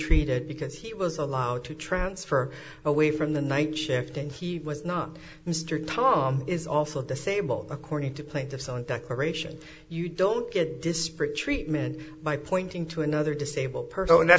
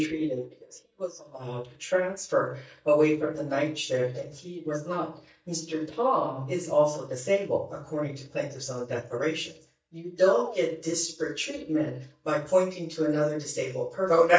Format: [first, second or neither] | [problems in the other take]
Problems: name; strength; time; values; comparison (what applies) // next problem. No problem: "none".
first | noise reduction (neural mask model DeepFilterNet 3)